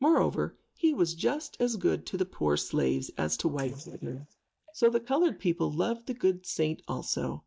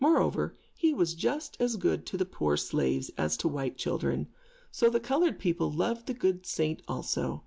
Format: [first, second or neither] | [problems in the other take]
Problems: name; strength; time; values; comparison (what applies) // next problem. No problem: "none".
second | noise reduction (neural mask model DeepFilterNet 3)